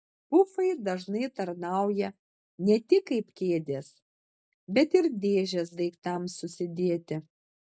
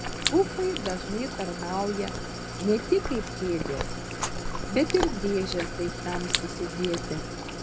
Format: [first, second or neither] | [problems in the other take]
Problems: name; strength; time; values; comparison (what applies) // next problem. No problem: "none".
first | background sound (Idling + Chewing, mastication); 3 dB below the speech